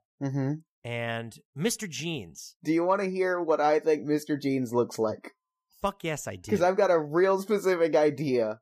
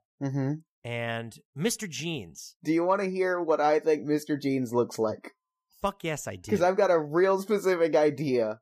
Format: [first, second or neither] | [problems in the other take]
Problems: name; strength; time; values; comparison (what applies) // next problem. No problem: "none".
neither | none